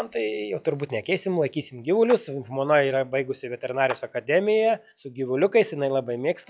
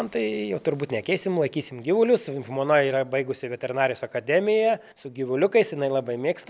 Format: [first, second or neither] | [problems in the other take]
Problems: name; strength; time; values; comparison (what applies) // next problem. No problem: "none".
second | noise reduction (classical method log-MMSE)